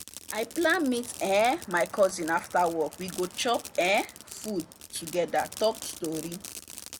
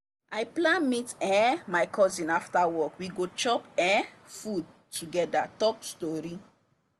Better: second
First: background sound (Fireworks); 15 dB below the speech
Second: none

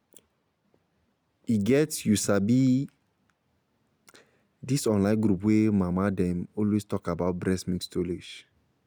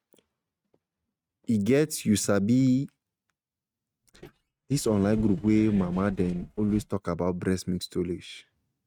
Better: first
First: none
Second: noise reduction (neural mask model RNNoise)

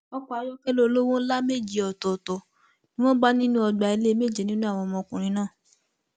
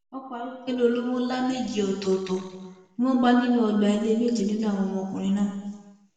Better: first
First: none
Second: room echo; dies away in 1.2 s

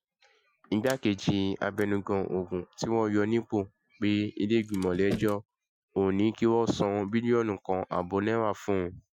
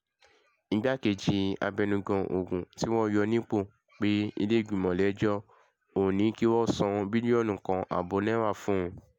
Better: second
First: noise reduction (classical method Wiener filter)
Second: none

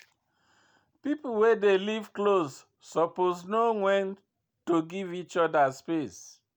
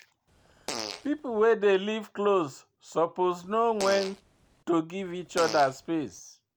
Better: first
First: none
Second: background sound (Fart); 12 dB below the speech

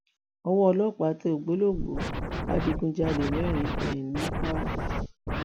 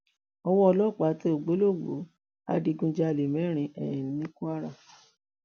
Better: second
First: background sound (Scratching (performance technique)); 2 dB below the speech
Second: none

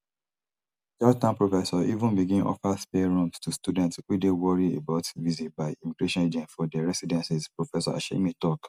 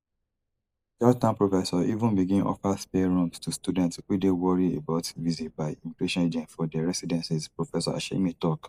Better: first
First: none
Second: noise reduction (neural mask model DeepFilterNet 3)

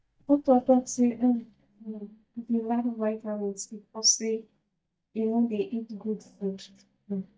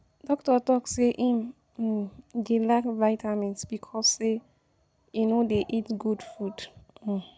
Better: second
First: noise reduction (neural mask model DeepFilterNet 3)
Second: none

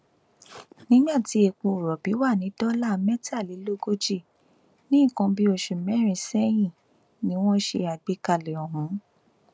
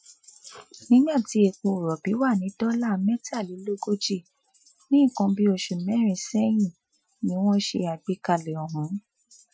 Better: first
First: none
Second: noise reduction (classical method Wiener filter)

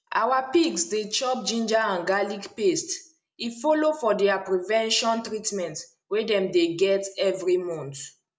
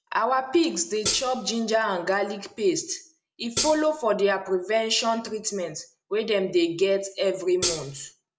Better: first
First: none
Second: background sound (Hi-hat); 4 dB below the speech

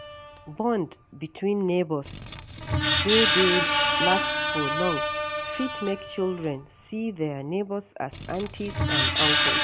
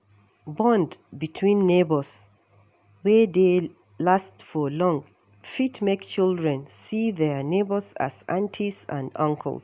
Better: second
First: background sound (Screech); 1 dB above the speech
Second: none

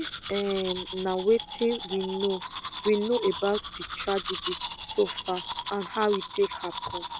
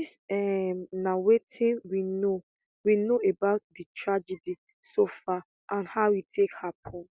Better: second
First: background sound (Domestic sounds, home sounds); 8 dB below the speech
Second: none

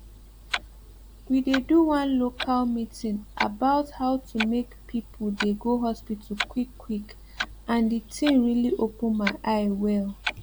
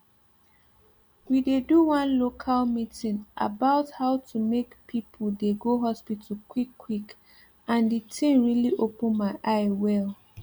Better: second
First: background sound (Clock); 11 dB below the speech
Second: none

